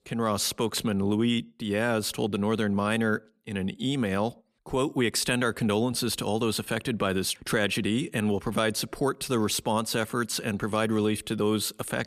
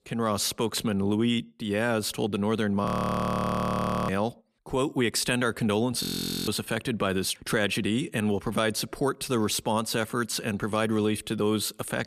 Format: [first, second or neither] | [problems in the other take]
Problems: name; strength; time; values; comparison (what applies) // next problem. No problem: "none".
first | audio freezing; at 3 s for 1 s and at 6 s